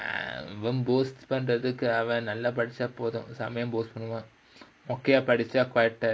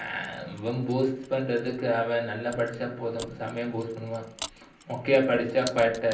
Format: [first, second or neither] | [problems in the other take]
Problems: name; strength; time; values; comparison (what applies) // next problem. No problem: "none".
first | background sound (Mechanisms); 19 dB below the speech // room echo; dies away in 0.6 s